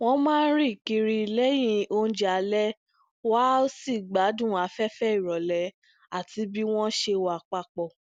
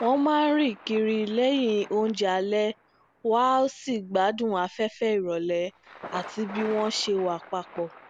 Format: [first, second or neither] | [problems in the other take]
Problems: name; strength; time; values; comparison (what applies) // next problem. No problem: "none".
first | background sound (Thunder); 19 dB below the speech